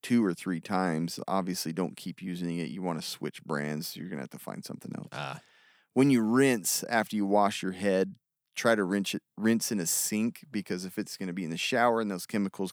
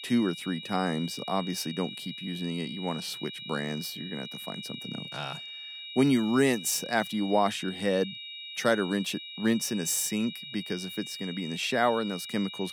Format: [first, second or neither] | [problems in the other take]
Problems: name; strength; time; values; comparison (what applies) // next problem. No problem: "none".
first | high-pitched whine; loud; throughout; 4 kHz, 9 dB below the speech